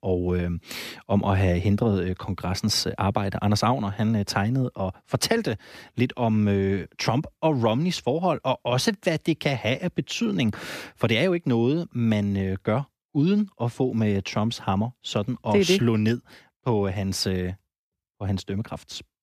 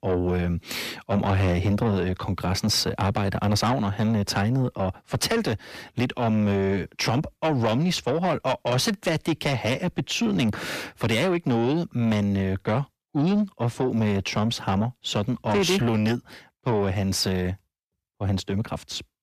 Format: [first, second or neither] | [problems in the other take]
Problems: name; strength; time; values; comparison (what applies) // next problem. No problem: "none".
first | distortion; slight; 10 dB below the speech